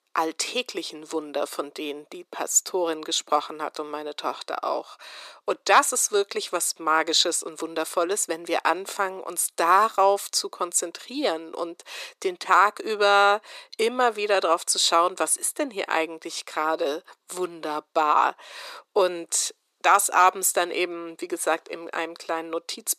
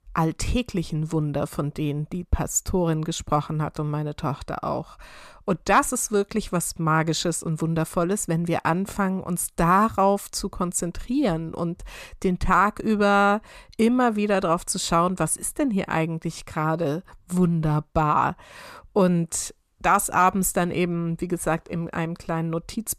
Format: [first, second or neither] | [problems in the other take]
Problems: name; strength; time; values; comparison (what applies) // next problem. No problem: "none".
second | thin; very; fading below 350 Hz